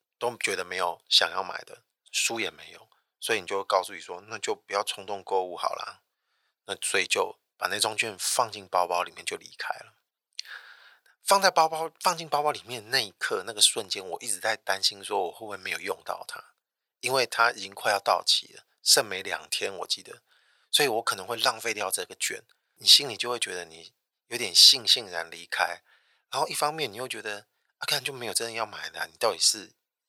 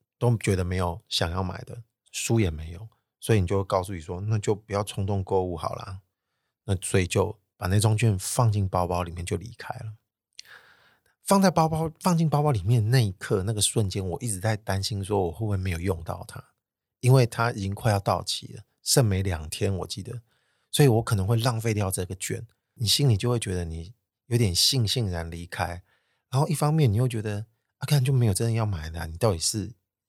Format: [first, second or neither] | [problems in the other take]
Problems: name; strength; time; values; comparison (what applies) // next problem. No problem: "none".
second | thin; very; fading below 650 Hz